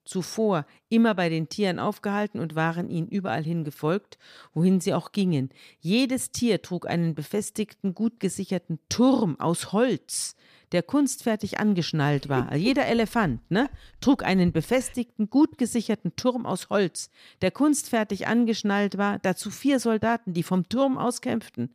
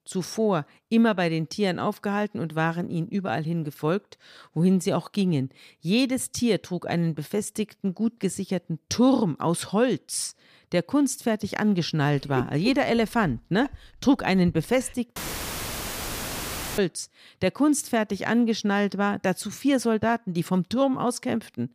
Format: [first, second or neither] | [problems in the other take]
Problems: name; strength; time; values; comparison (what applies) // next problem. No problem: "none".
first | audio cutting out; filled with static; at 15 s for 1.5 s